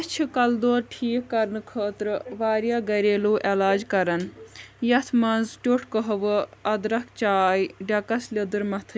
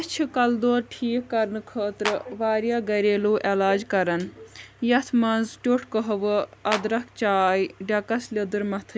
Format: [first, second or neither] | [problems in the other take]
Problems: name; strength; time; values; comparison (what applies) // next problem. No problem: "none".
first | background sound (Clapping); 8 dB below the speech